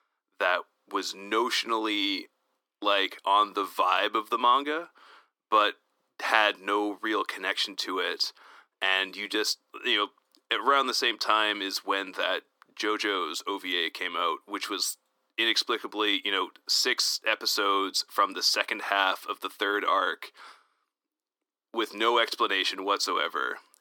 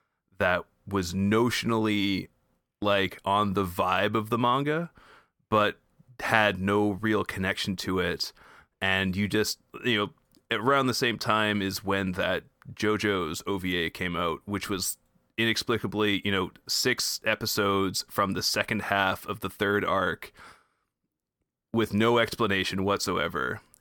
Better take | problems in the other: second | thin; somewhat; fading below 300 Hz

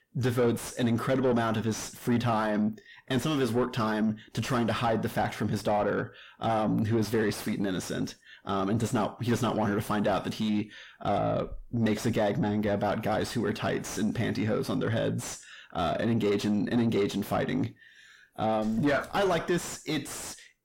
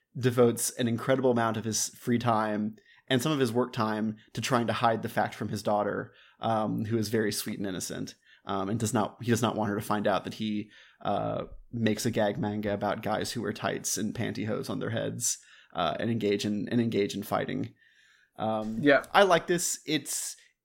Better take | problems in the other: second | distortion; heavy; 6 dB below the speech

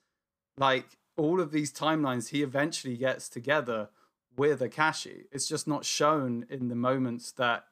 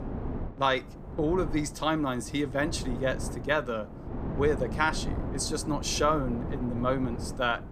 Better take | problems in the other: first | wind noise on the microphone; occasional gusts; 15 dB below the speech

